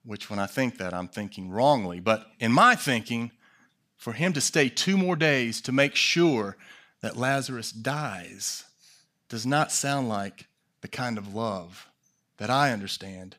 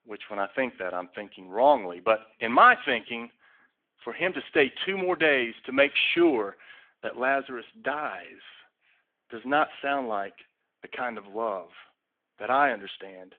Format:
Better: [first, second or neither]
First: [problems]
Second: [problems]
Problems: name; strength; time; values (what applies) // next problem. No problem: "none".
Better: first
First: none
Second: phone-call audio; nothing above 3.5 kHz